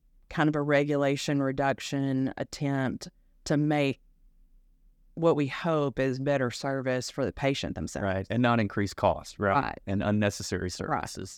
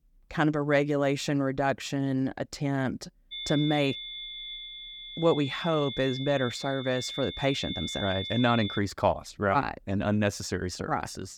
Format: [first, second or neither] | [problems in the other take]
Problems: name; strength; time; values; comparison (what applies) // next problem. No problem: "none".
first | high-pitched whine; loud; from 3.5 to 9 s; 3.5 kHz, 8 dB below the speech